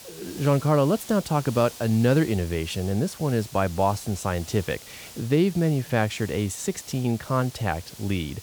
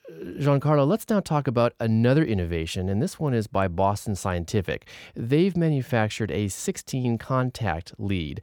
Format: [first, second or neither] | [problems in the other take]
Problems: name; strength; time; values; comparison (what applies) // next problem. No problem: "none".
second | hiss; noticeable; throughout; 15 dB below the speech